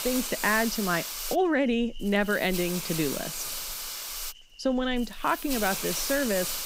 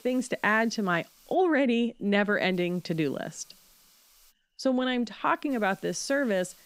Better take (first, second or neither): second